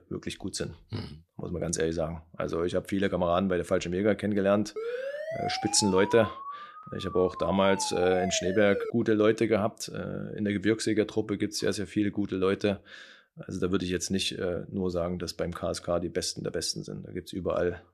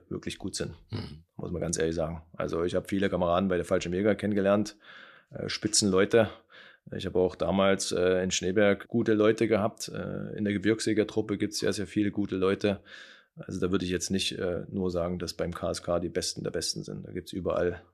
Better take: second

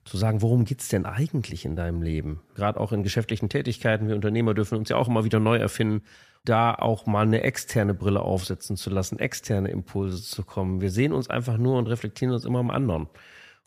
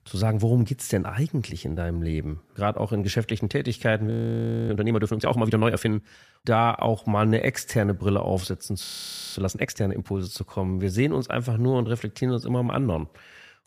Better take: first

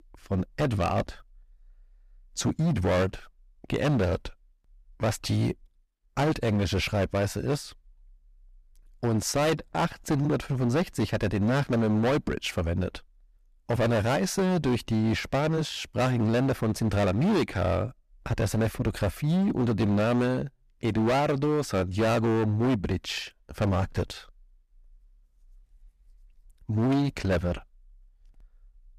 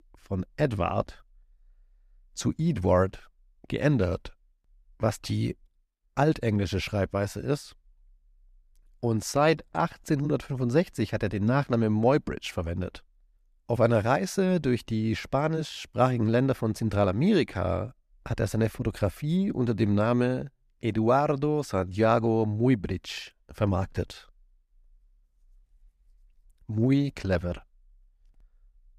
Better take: second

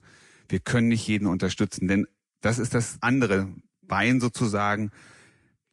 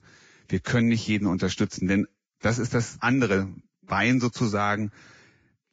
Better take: first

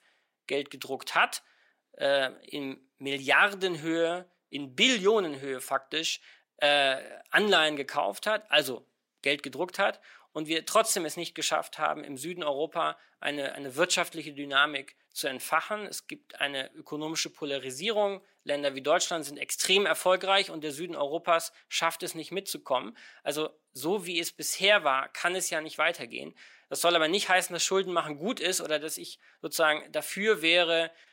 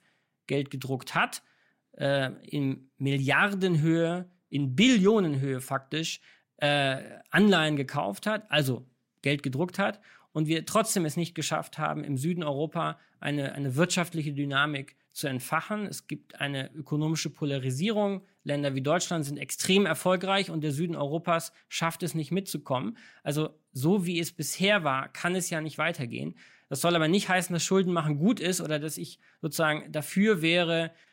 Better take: second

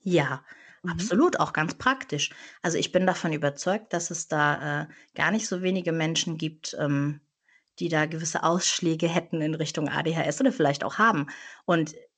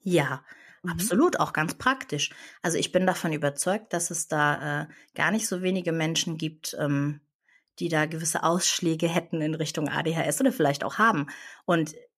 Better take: second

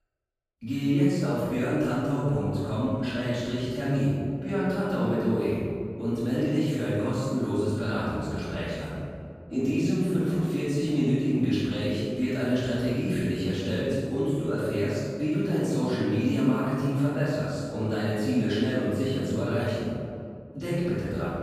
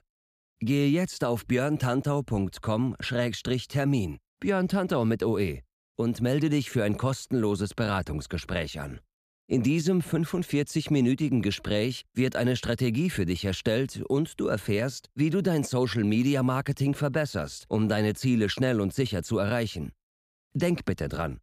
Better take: second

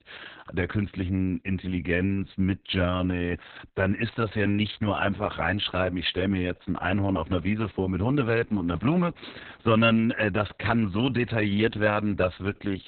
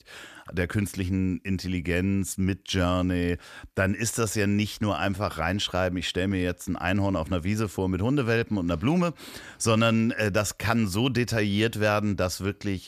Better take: second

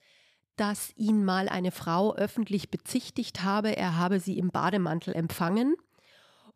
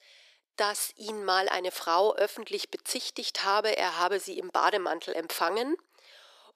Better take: first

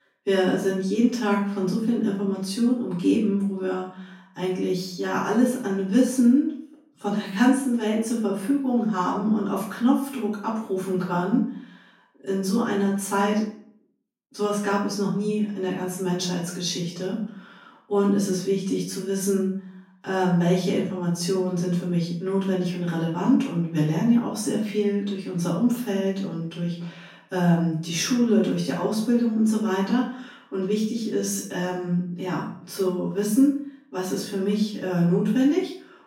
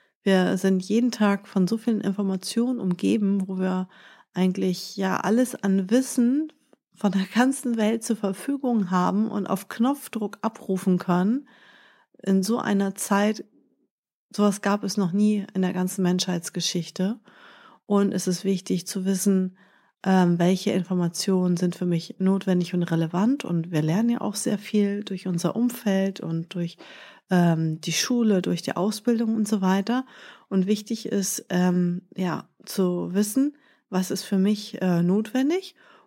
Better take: second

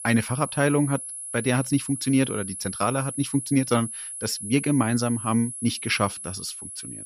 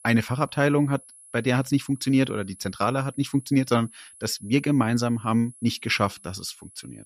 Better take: second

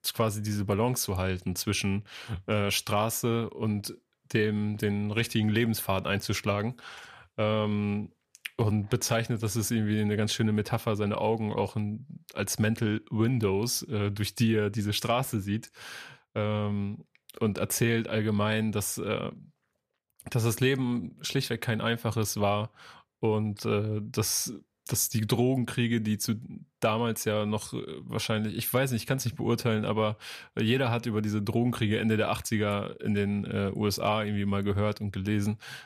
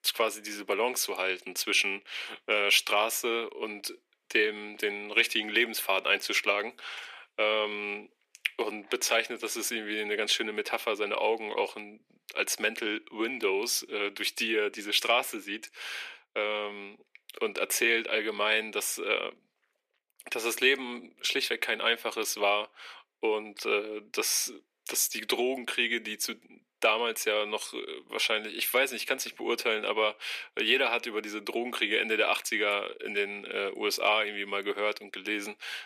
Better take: first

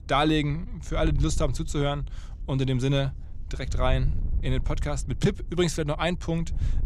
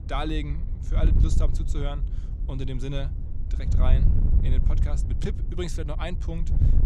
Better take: first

